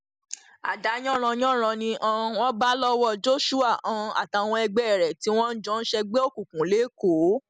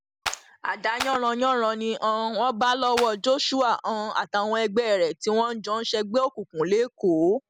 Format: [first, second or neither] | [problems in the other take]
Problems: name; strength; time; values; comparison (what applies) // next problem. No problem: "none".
first | background sound (Clapping); 9 dB below the speech